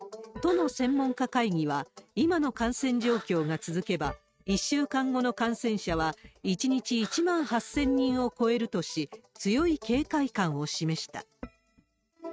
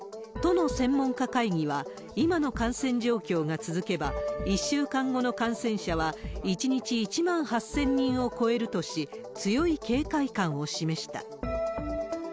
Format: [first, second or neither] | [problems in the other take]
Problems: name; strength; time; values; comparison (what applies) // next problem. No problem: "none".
second | noise reduction (neural mask model RNNoise)